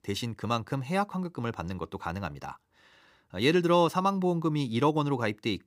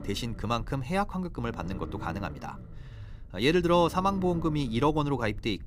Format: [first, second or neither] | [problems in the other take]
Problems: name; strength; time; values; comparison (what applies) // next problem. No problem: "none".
first | low rumble; faint; throughout; 20 dB below the speech